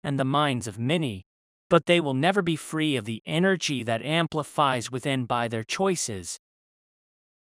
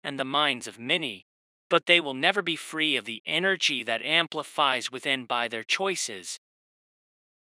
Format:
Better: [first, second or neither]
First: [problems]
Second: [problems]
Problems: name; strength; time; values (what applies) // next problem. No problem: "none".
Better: first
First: none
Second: thin; somewhat; fading below 300 Hz